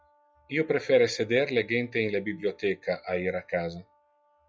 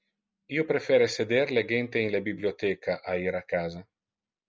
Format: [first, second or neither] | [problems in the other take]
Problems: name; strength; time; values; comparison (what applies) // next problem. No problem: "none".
second | noise reduction (classical method log-MMSE)